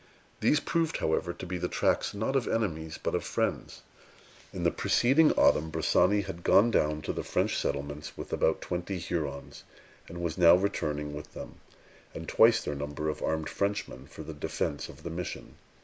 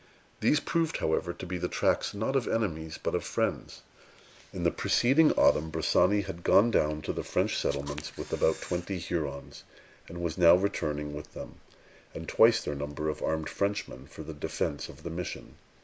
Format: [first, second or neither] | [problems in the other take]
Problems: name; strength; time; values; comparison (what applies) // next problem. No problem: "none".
first | background sound (Camera); 16 dB below the speech